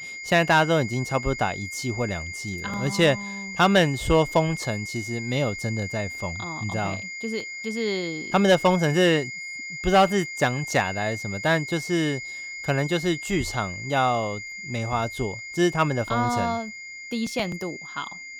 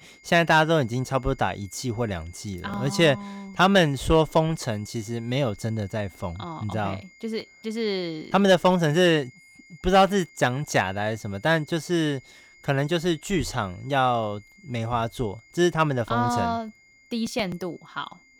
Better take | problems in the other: second | high-pitched whine; loud; throughout; 2 kHz, 9 dB below the speech; faint in the second

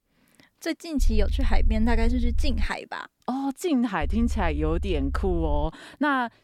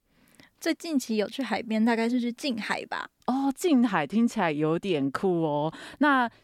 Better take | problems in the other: second | low rumble; very faint; from 1 to 2.5 s and from 4 to 5.5 s; 20 dB below the speech

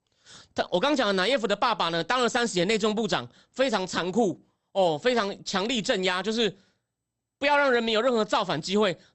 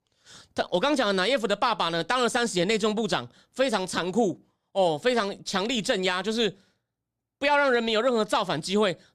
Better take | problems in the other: second | garbled, watery; slightly; nothing above 8 kHz

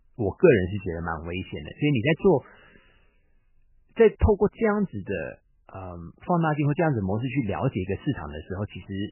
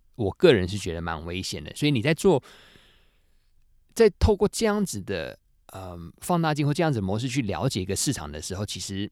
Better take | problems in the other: second | garbled, watery; badly; nothing above 3 kHz

